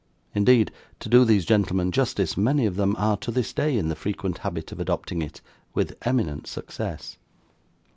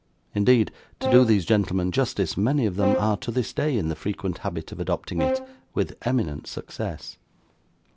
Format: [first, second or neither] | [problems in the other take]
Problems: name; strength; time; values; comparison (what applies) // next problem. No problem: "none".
first | background sound (Brass instrument); 7 dB below the speech